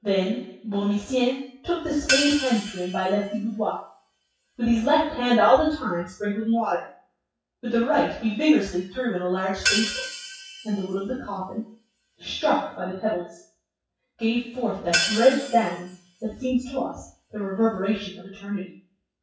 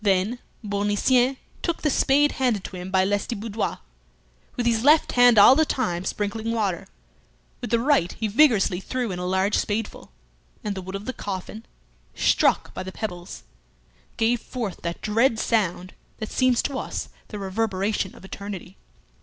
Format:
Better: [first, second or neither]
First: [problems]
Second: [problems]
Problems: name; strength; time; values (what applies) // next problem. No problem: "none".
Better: second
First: noise reduction (classical method WPE with log-MMSE)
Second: none